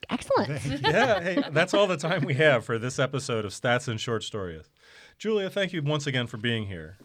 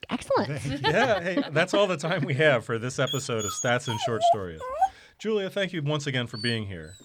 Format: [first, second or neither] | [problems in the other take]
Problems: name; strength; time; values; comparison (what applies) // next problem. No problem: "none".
first | dog barking; loud; from 3 to 6.5 s; peak 2 dB above the speech